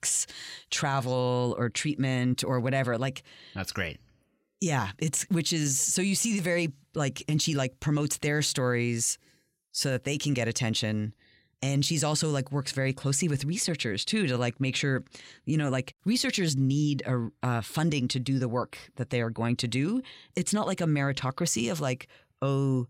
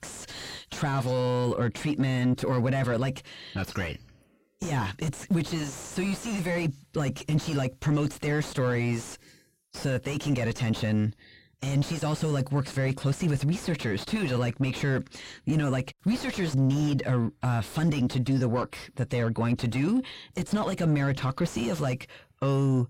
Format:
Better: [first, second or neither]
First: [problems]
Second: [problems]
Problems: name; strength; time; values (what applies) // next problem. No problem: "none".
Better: first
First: none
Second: distortion; heavy; 6 dB below the speech